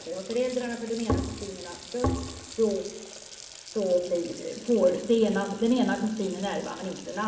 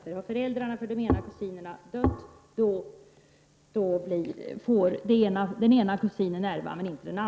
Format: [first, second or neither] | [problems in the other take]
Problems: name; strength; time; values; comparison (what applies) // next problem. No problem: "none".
second | background sound (Water tap, faucet); 17 dB below the speech // room echo; dies away in 0.9 s